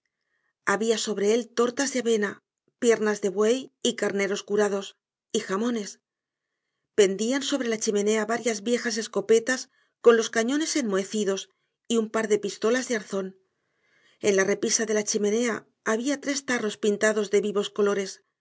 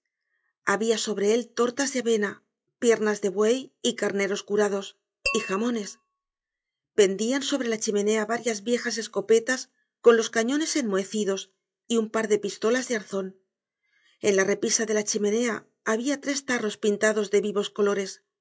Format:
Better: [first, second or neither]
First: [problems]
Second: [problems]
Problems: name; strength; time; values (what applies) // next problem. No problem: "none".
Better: first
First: none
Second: noise reduction (classical method log-MMSE)